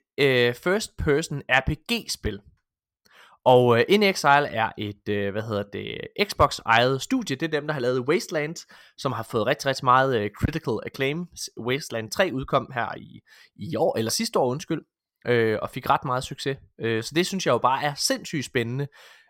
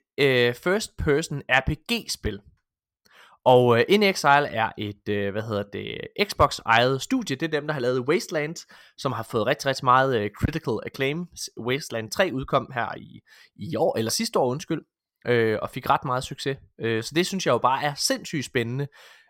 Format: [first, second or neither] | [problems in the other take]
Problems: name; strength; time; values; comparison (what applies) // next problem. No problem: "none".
neither | none